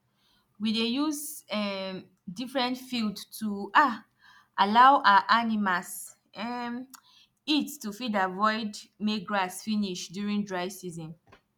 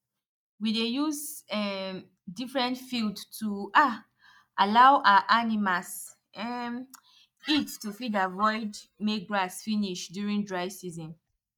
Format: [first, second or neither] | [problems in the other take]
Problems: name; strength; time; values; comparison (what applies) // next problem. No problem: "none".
first | noise reduction (neural mask model DeepFilterNet 3)